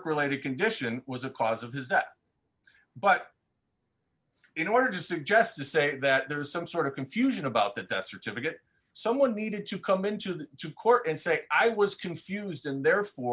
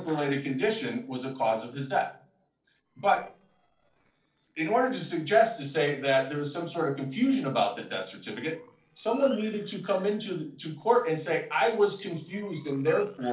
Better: first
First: none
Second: noise reduction (neural separator model SepFormer DNS4)

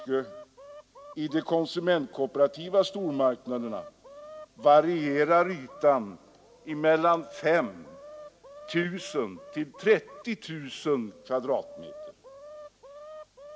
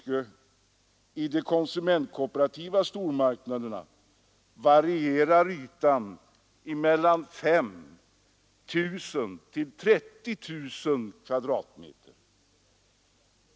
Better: second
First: background sound (Chicken, rooster); 19 dB below the speech // room echo; dies away in 0.3 s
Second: none

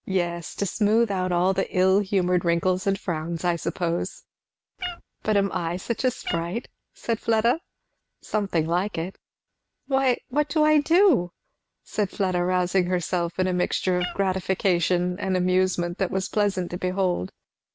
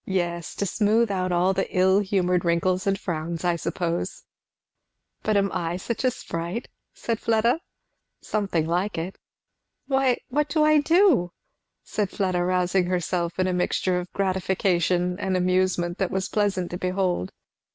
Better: second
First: background sound (Meow); 13 dB below the speech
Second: none

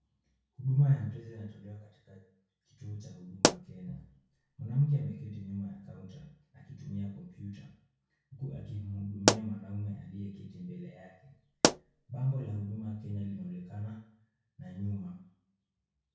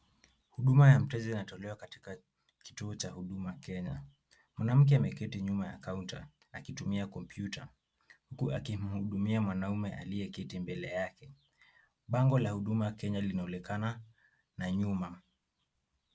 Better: second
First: background sound (Explosion); 3 dB above the speech // room echo; dies away in 0.6 s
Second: none

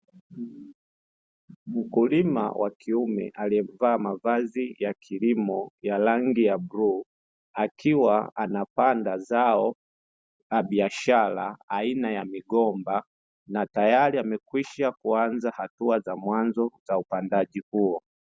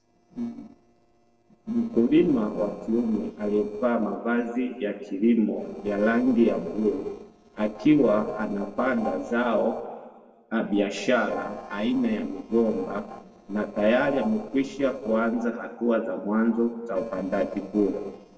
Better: first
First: none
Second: noise reduction (neural separator model SepFormer DNS4)

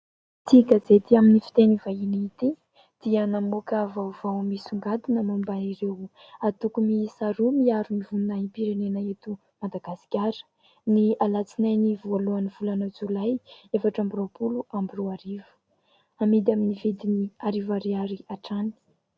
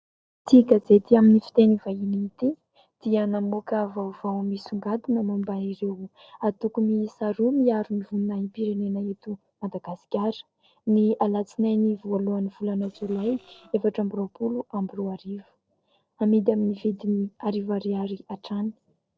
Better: first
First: none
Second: noise reduction (neural separator model SepFormer DNS4)

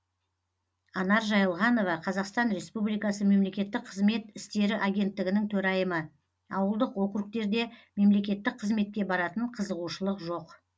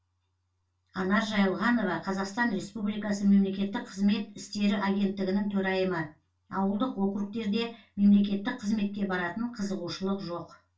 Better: first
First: none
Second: room echo; dies away in 0.2 s

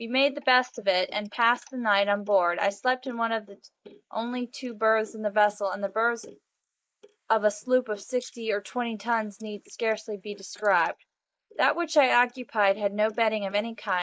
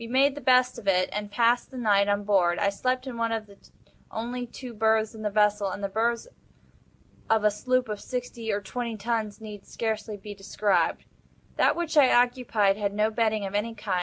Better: second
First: noise reduction (neural mask model Resemble Enhance denoiser)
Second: none

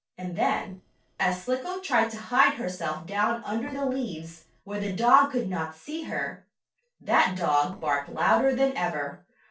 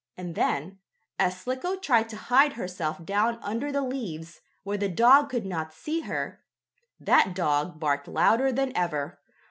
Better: second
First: noise reduction (neural separator model SepFormer DNS4)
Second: none

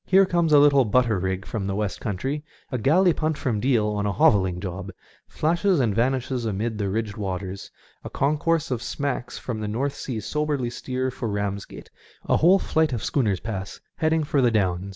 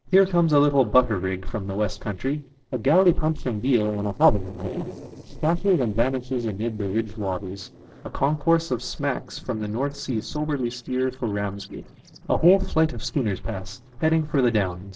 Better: first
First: none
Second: noise reduction (neural separator model SepFormer DNS4)

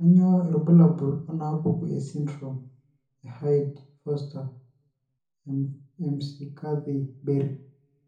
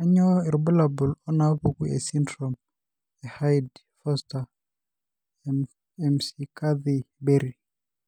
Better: second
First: room echo; dies away in 0.6 s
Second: none

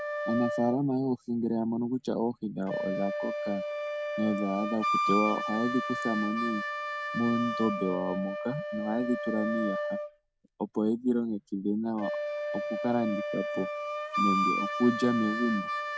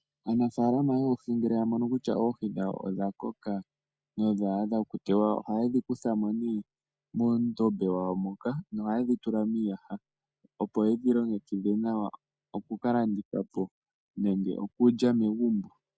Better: second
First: background sound (Wind instrument, woodwind instrument); 3 dB below the speech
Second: none

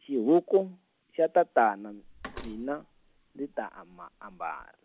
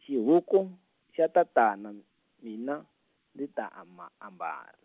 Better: second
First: background sound (Slam); 19 dB below the speech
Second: none

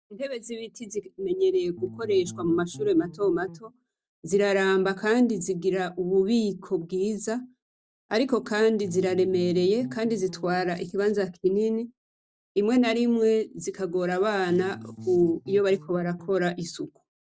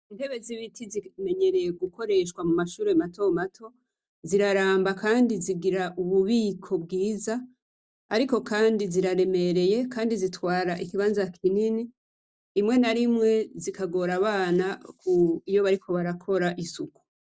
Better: second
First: background sound (Bass guitar); 17 dB below the speech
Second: none

